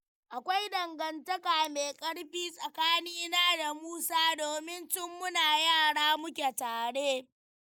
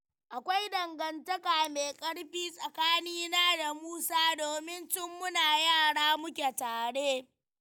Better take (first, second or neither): second